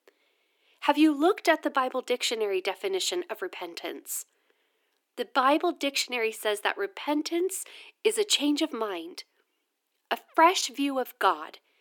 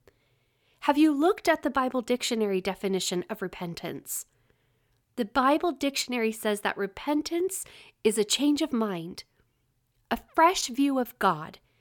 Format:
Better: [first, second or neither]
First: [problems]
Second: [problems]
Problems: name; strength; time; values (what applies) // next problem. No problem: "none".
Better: second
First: thin; very slightly; fading below 300 Hz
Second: none